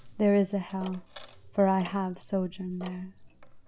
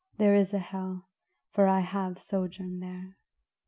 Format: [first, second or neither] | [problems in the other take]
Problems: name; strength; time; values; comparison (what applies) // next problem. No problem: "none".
second | background sound (Tick-tock + Coin (dropping)); 17 dB below the speech